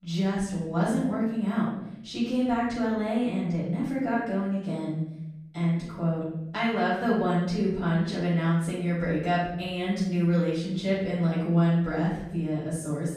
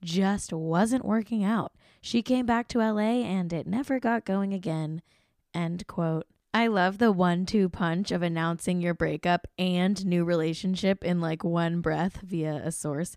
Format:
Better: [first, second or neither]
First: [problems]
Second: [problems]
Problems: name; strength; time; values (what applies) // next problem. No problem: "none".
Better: second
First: off-mic speech; far // room echo; noticeable; dies away in 0.8 s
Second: none